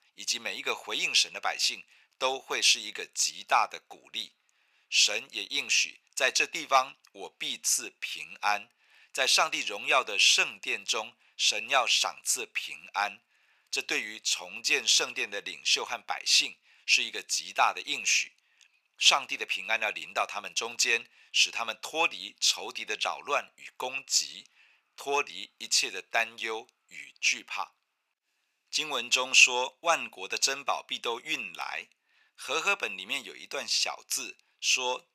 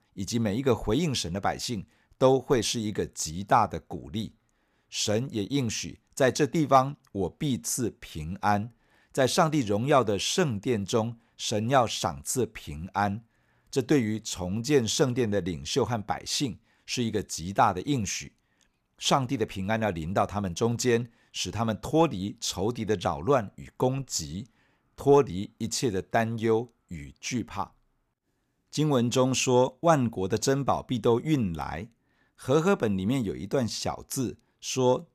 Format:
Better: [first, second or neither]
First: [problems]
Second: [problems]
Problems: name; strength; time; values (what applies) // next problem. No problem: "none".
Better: second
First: thin; very; fading below 900 Hz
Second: none